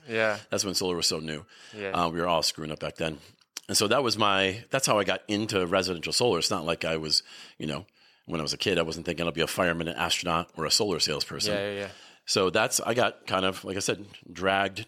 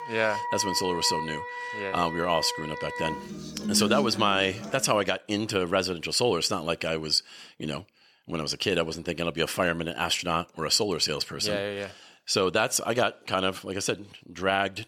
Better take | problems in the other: first | background music; loud; until 4.5 s; 6 dB below the speech

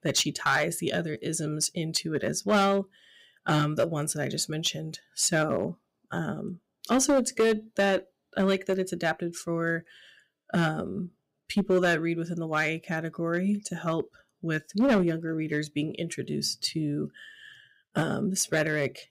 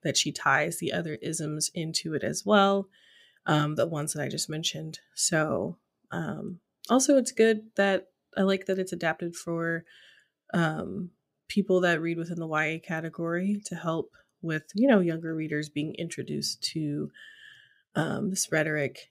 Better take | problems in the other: second | distortion; slight; 3% of the sound clipped

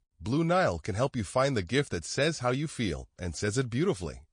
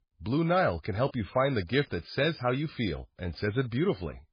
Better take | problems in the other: first | garbled, watery; badly; slightly in the first

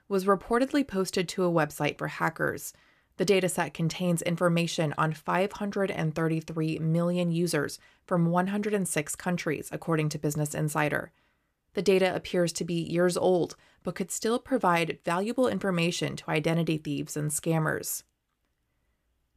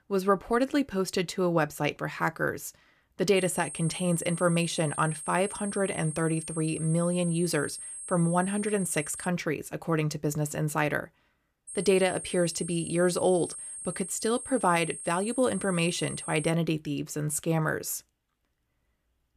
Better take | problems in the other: first | high-pitched whine; loud; from 3.5 to 9.5 s and from 12 to 17 s; 8.5 kHz, 9 dB below the speech

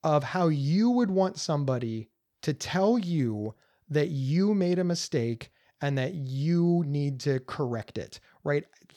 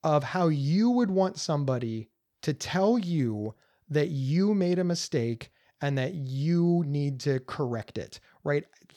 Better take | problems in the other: neither | none

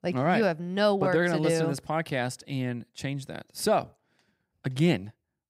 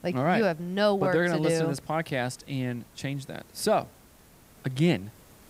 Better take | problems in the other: first | hiss; faint; throughout; 25 dB below the speech

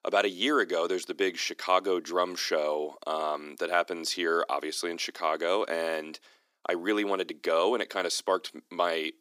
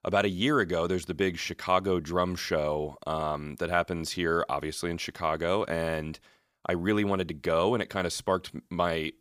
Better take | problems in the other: second | thin; somewhat; fading below 300 Hz

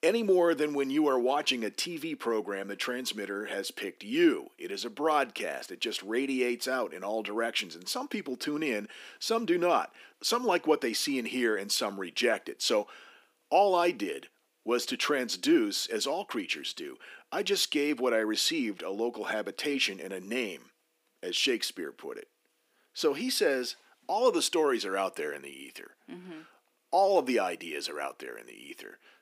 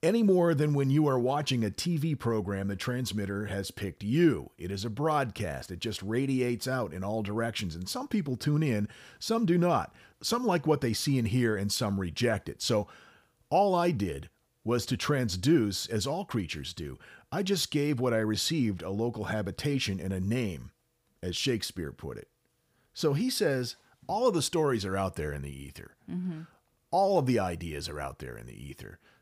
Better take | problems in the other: second | thin; somewhat; fading below 250 Hz

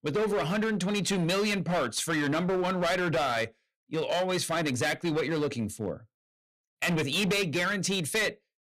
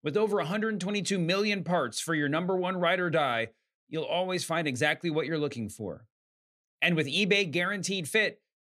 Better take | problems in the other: second | distortion; heavy; 17% of the sound clipped

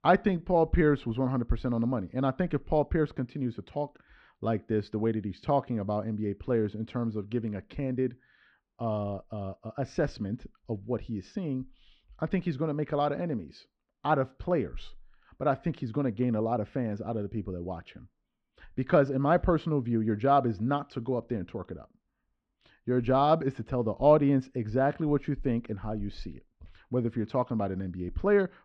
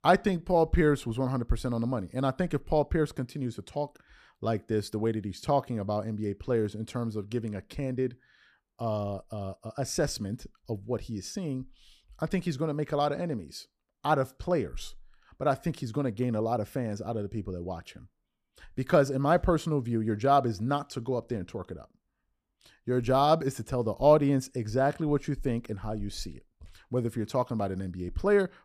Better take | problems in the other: second | muffled; slightly; fading above 3 kHz

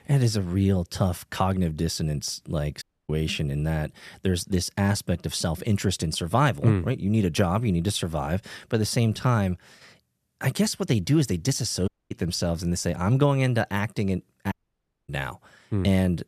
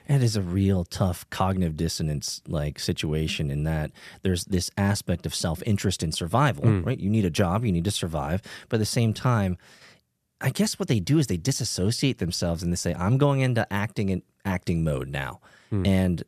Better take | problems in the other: second | audio cutting out; at 3 s, at 12 s and at 15 s for 0.5 s

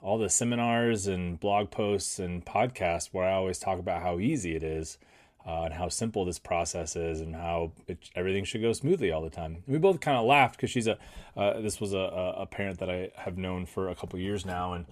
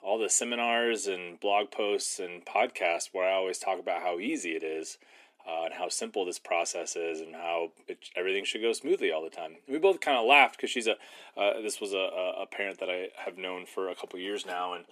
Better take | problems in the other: first | thin; somewhat; fading below 300 Hz

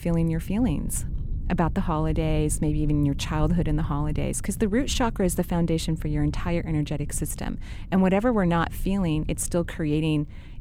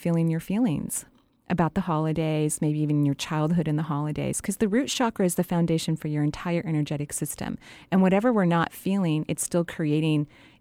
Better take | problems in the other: second | low rumble; faint; throughout; 20 dB below the speech

